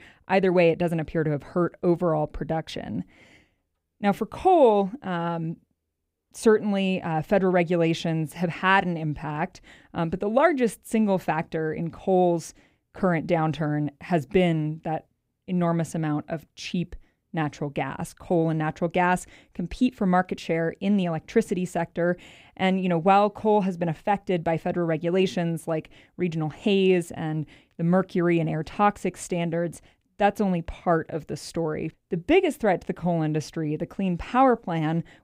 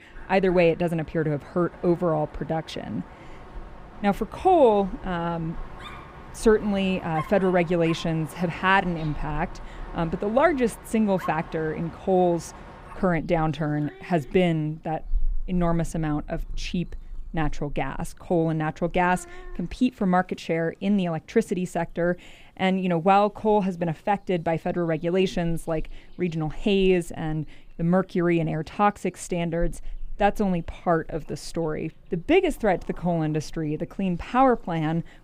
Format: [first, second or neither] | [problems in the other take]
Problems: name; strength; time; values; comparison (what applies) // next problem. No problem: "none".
first | animal sounds; noticeable; throughout; 20 dB below the speech